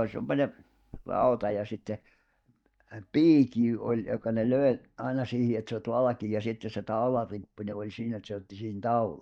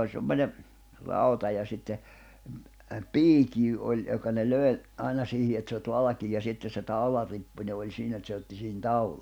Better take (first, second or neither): second